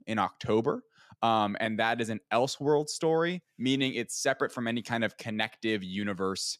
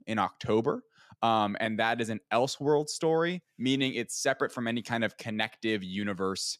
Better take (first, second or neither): neither